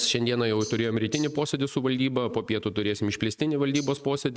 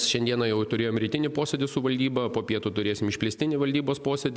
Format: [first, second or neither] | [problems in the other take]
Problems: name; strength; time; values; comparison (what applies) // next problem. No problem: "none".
second | noise reduction (neural mask model RNNoise)